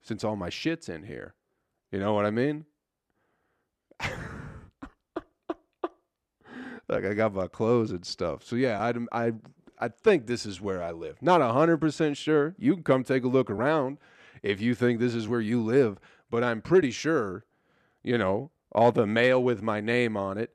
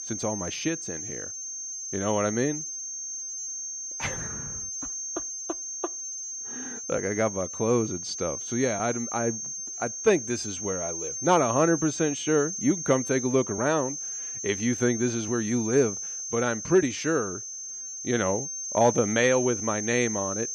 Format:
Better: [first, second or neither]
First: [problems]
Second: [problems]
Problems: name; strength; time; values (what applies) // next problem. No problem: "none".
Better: first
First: none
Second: high-pitched whine; loud; throughout; 6.5 kHz, 5 dB below the speech